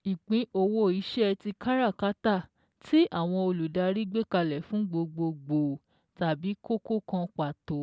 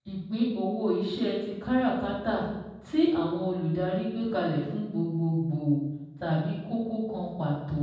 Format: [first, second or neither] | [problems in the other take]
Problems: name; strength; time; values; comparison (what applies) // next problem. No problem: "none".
first | room echo; dies away in 1.1 s